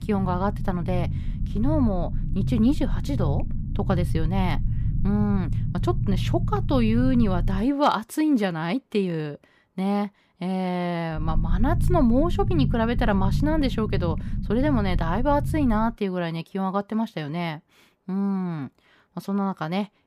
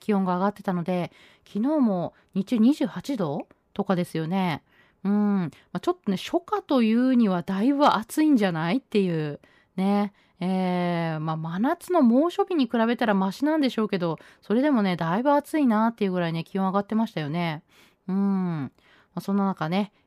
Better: second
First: low rumble; noticeable; until 7.5 s and from 11 to 16 s; 15 dB below the speech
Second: none

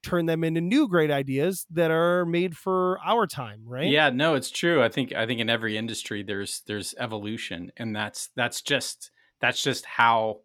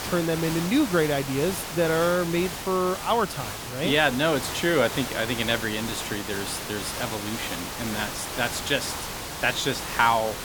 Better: first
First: none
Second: hiss; loud; throughout; 6 dB below the speech

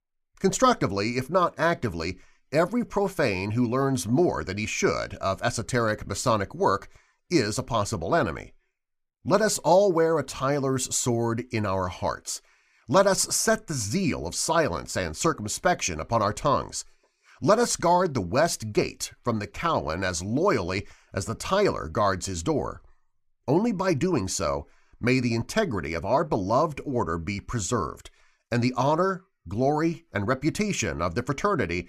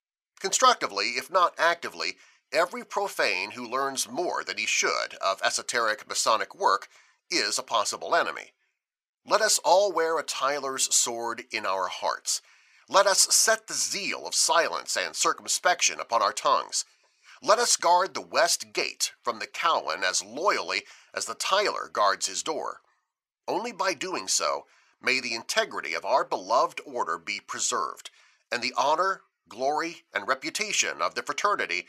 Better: first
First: none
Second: thin; very; fading below 700 Hz

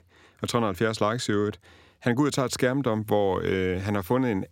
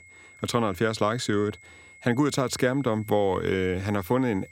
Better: first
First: none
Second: high-pitched whine; faint; throughout; 2 kHz, 25 dB below the speech

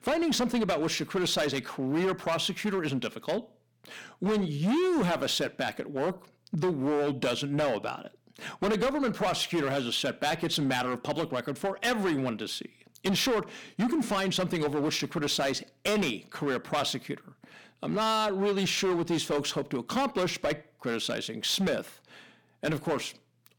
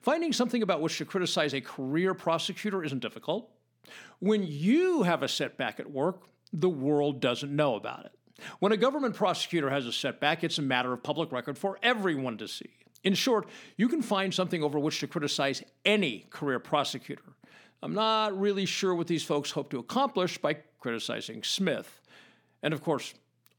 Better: second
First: distortion; heavy; 13% of the sound clipped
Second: none

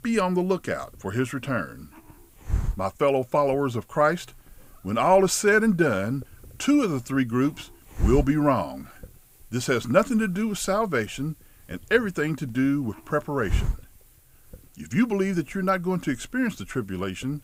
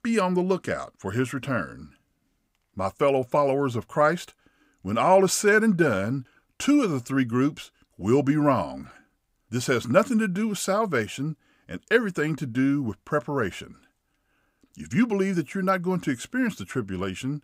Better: second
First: hiss; loud; throughout; 9 dB below the speech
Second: none

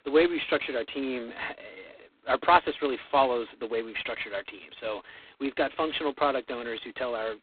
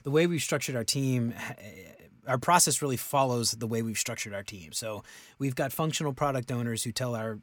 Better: second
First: phone-call audio; poor line; nothing above 4 kHz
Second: none

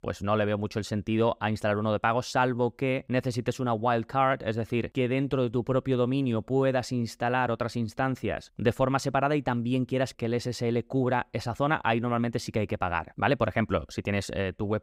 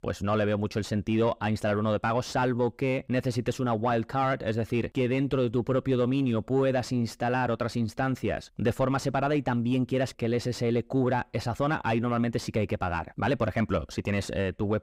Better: first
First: none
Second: distortion; slight; 10 dB below the speech

